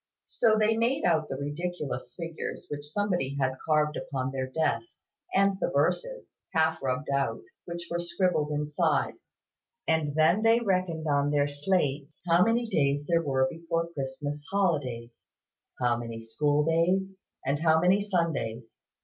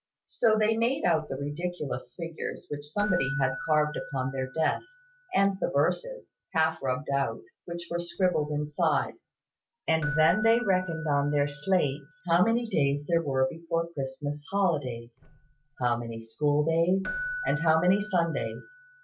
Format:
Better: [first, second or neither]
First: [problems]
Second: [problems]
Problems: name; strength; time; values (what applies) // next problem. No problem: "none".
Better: first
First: none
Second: background sound (Keyboard (musical)); 14 dB below the speech